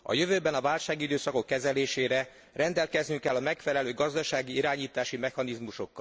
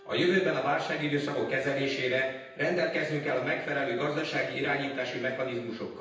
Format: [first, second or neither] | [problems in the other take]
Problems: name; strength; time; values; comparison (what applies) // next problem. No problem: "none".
first | background sound (Wind instrument, woodwind instrument); 20 dB below the speech // room echo; dies away in 0.9 s